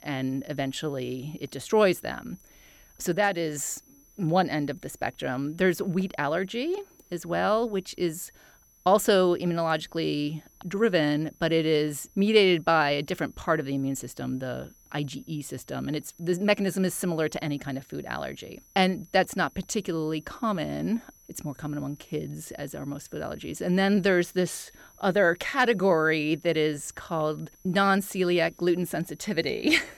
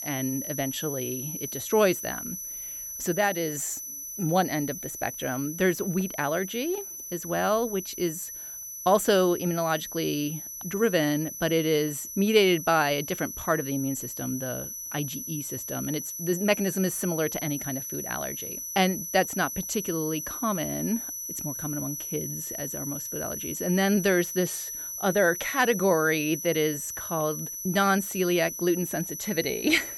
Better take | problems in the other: first | high-pitched whine; loud; throughout; 6 kHz, 6 dB below the speech; faint in the first

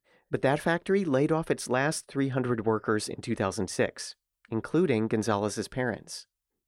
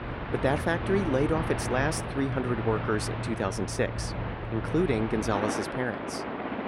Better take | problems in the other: first | train or aircraft noise; loud; throughout; 4 dB below the speech

